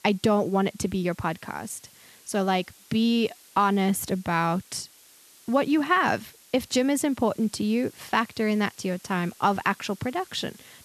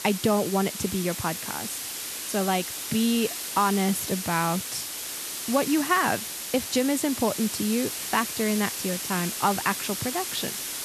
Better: first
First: hiss; faint; throughout; 25 dB below the speech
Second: hiss; loud; throughout; 4 dB below the speech

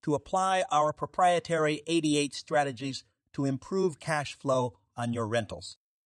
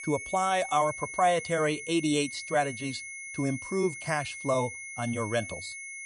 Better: first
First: none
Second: high-pitched whine; loud; throughout; 2 kHz, 9 dB below the speech

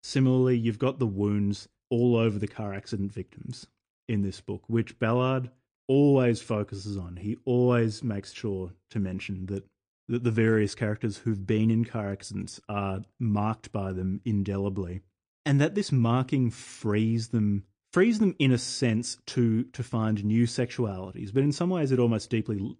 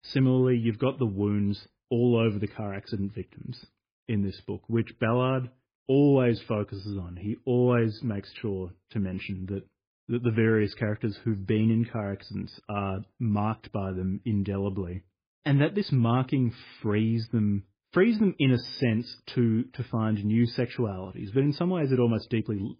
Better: first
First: garbled, watery; slightly; nothing above 9 kHz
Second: garbled, watery; badly; nothing above 5 kHz

